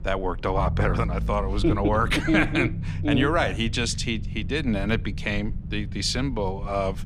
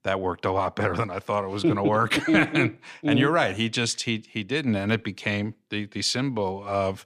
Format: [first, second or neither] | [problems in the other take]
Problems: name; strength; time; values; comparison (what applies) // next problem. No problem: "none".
second | low rumble; noticeable; throughout; 20 dB below the speech